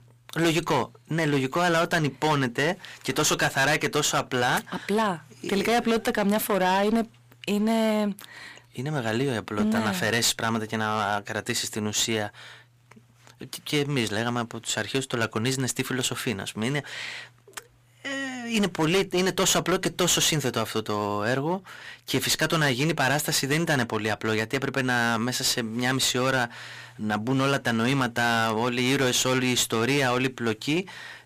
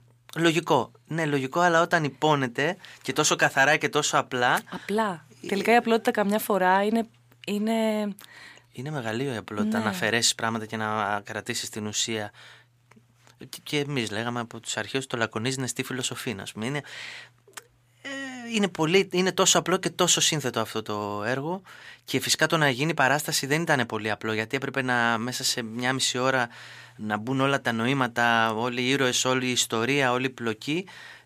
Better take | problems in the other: second | distortion; heavy; 13% of the sound clipped

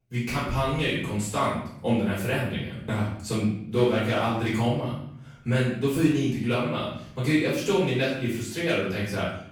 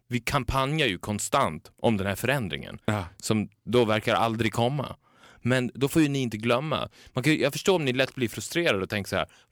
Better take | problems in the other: second | off-mic speech; far // room echo; noticeable; dies away in 0.6 s

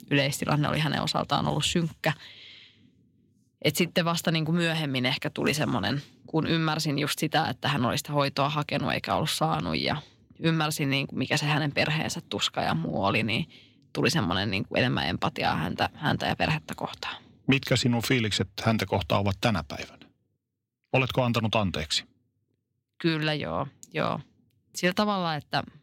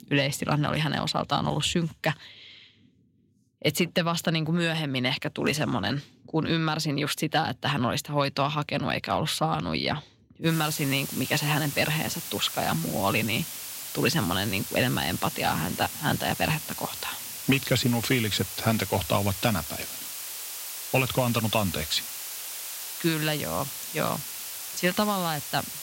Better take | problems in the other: first | hiss; loud; from 10 s on; 7 dB below the speech

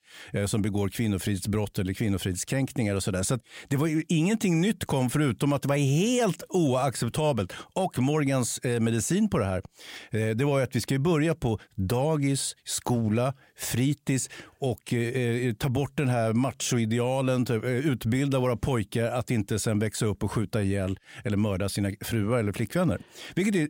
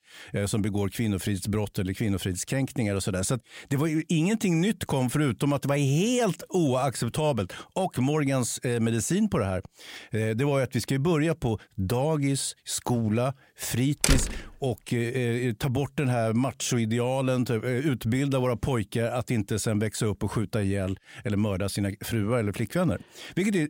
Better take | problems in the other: first | door banging; loud; at 14 s; peak 2 dB above the speech

